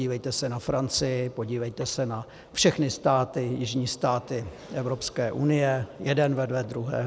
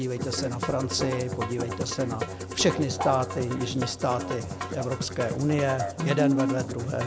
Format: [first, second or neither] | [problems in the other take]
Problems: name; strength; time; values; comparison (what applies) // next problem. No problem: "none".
first | background sound (Musical instrument); 4 dB below the speech